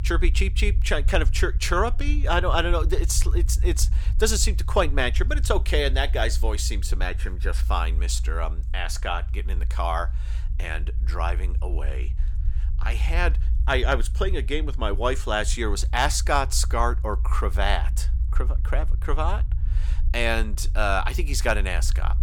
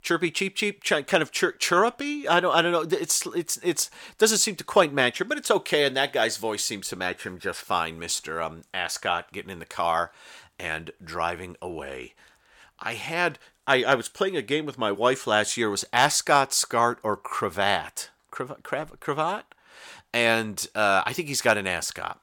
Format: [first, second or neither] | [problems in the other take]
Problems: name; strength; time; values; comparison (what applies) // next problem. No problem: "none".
second | low rumble; faint; throughout; 20 dB below the speech